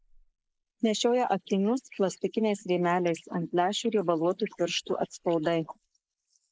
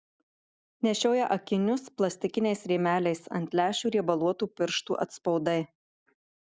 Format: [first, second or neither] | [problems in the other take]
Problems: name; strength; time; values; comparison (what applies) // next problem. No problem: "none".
second | noise reduction (neural mask model Resemble Enhance denoiser)